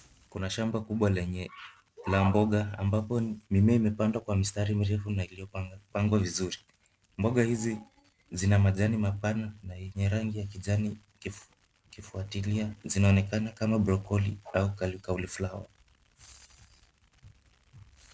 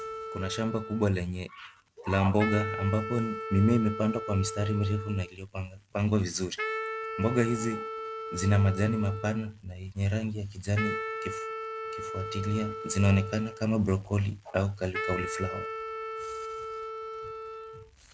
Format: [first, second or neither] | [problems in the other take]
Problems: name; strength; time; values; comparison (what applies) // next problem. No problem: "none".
first | background sound (Wind instrument, woodwind instrument); 8 dB below the speech